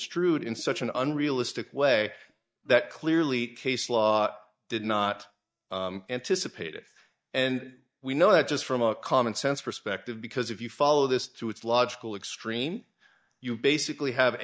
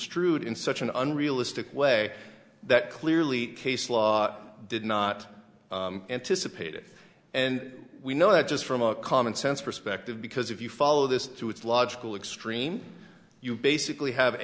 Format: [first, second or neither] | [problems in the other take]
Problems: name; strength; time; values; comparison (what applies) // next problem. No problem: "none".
second | noise reduction (neural mask model DeepFilterNet 3)